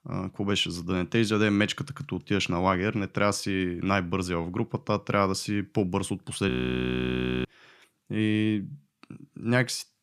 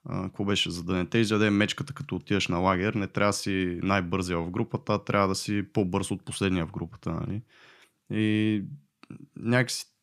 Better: second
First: audio freezing; at 6.5 s for 1 s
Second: none

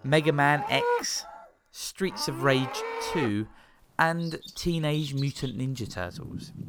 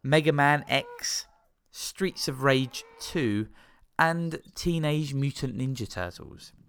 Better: second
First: animal sounds; loud; throughout; 7 dB below the speech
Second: animal sounds; faint; throughout; 25 dB below the speech

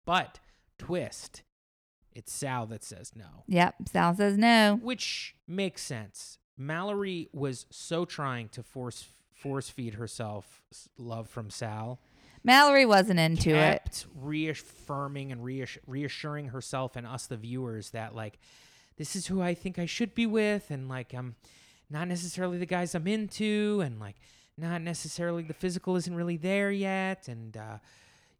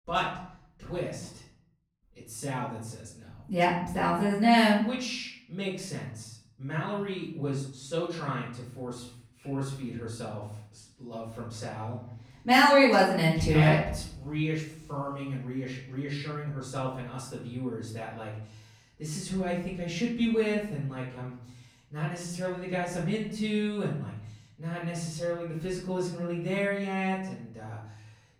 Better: first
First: none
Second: off-mic speech; far // room echo; noticeable; dies away in 0.6 s

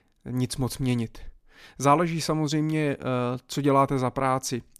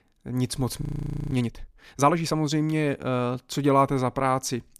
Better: first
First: none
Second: audio freezing; at 1 s for 0.5 s

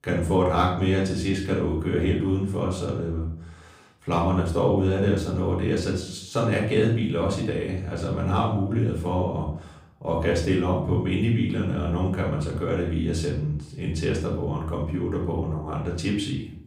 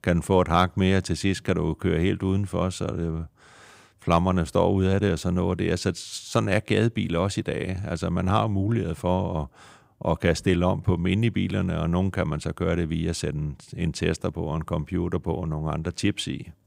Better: second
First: off-mic speech; far // room echo; noticeable; dies away in 0.5 s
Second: none

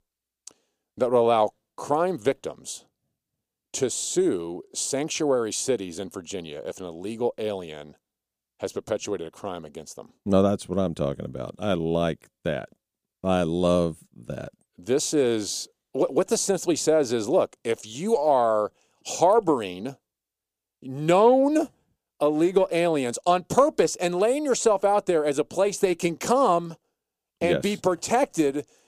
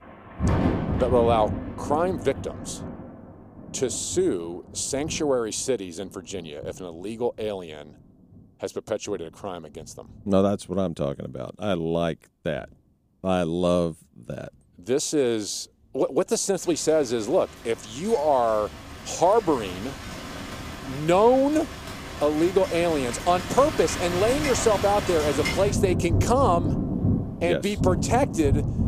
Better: first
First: none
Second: rain or running water; loud; throughout; 5 dB below the speech

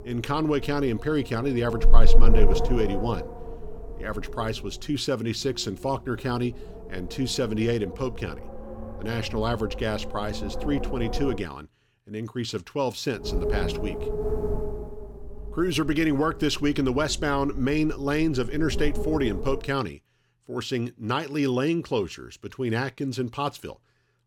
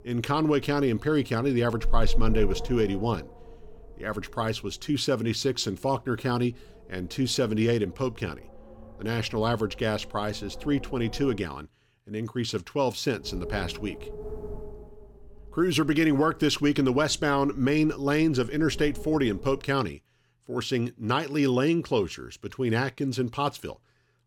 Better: second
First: wind noise on the microphone; heavy; until 11 s and from 13 to 20 s; 8 dB below the speech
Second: wind noise on the microphone; occasional gusts; until 11 s and from 13 to 20 s; 20 dB below the speech

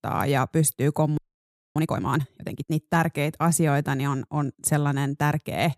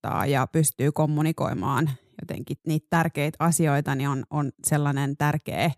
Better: second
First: audio freezing; at 1 s for 0.5 s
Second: none

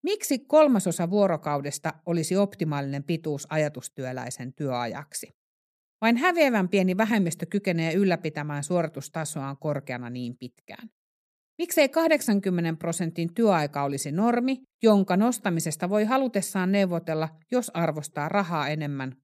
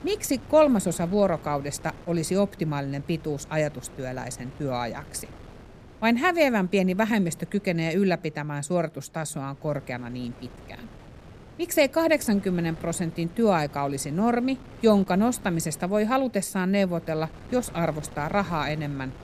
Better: first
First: none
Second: wind noise on the microphone; occasional gusts; 20 dB below the speech

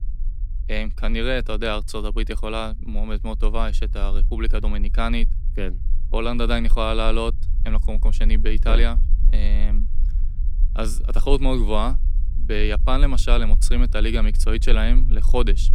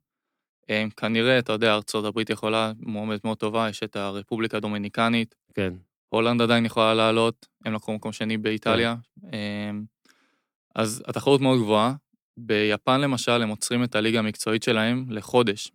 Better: second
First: low rumble; faint; throughout; 20 dB below the speech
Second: none

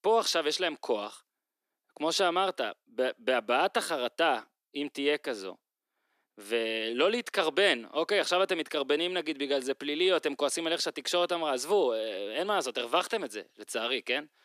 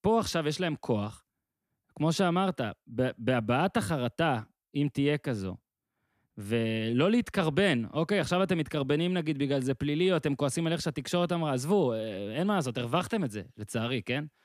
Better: second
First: thin; somewhat; fading below 350 Hz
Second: none

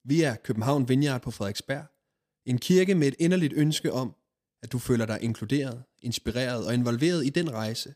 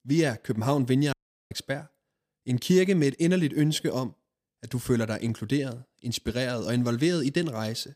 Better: first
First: none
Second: audio cutting out; at 1 s

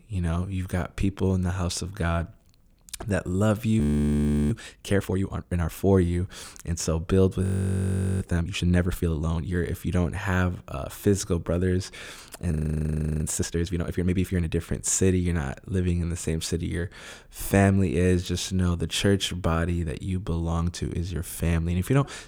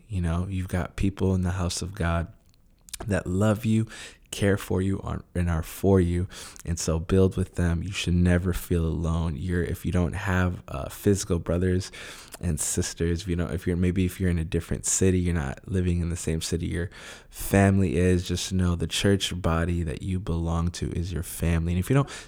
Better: second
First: audio freezing; at 4 s for 0.5 s, at 7.5 s for 1 s and at 13 s for 0.5 s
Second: none

